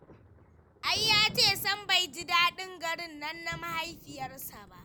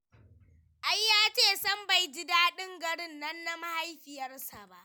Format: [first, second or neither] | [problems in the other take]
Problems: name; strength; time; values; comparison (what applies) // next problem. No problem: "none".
second | background sound (Thunder); 17 dB below the speech